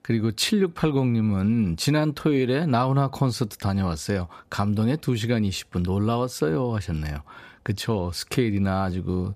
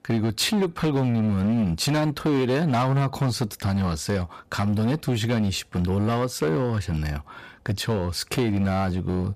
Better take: first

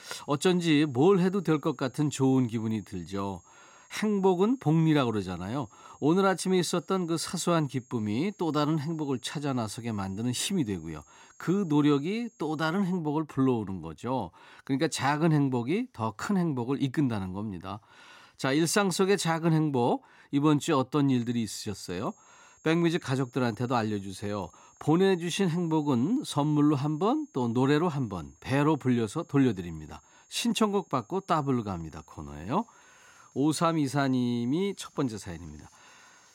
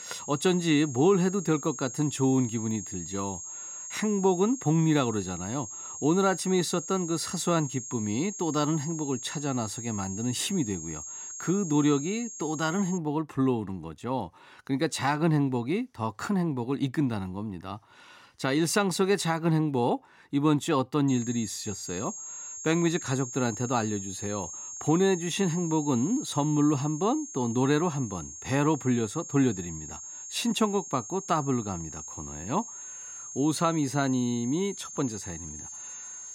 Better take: first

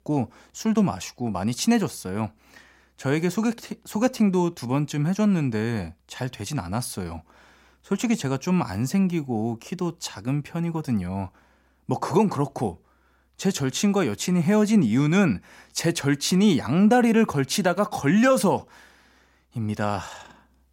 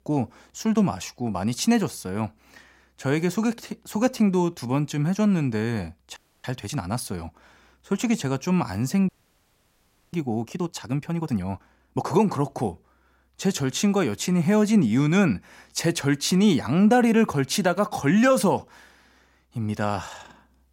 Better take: first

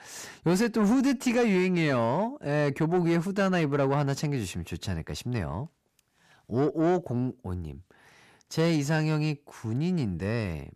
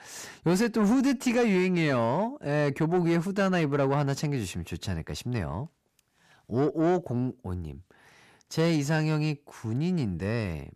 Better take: neither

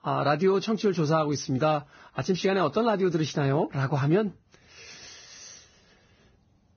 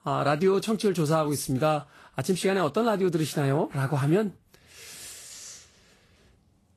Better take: second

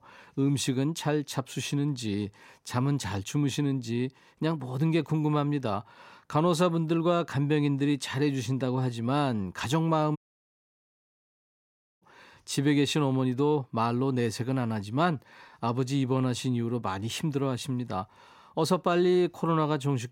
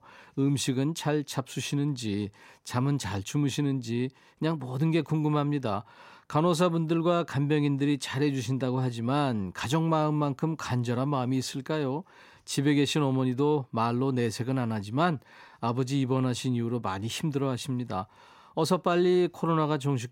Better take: second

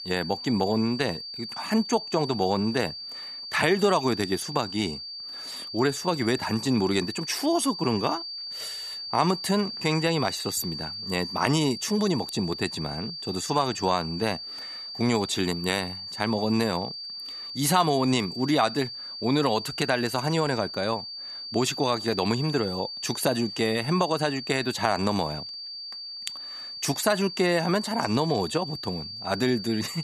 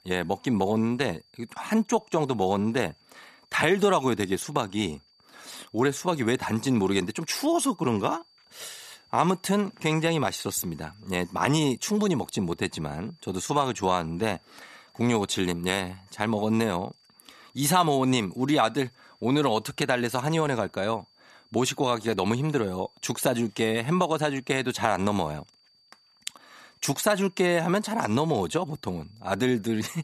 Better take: second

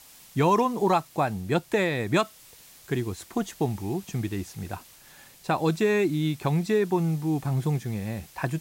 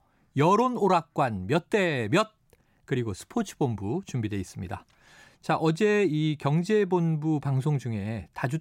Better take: second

